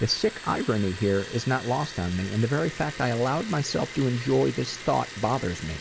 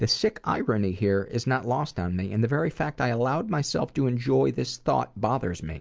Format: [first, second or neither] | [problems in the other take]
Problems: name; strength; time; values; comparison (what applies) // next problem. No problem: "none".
second | background sound (Liquid); 14 dB below the speech